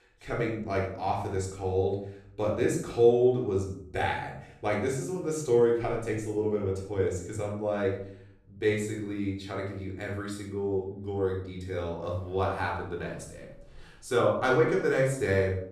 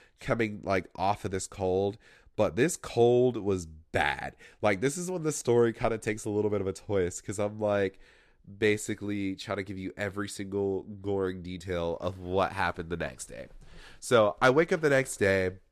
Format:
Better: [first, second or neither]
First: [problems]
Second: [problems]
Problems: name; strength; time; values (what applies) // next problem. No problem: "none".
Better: second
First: off-mic speech; far // room echo; noticeable; dies away in 0.6 s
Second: none